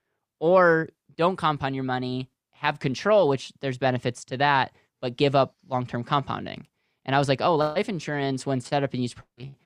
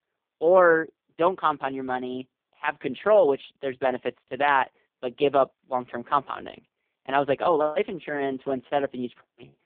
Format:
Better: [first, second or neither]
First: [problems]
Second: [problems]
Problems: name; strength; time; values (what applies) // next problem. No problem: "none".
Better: first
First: none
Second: phone-call audio; poor line